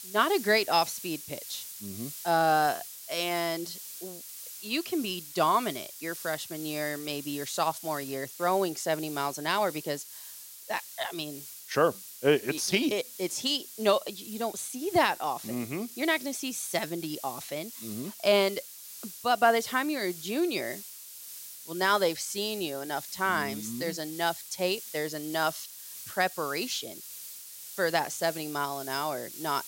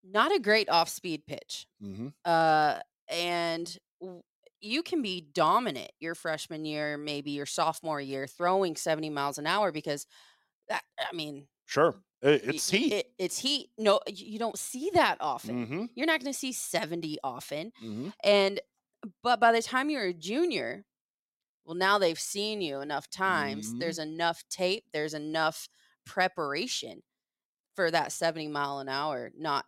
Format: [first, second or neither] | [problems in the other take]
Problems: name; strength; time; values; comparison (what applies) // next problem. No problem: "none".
second | hiss; noticeable; throughout; 10 dB below the speech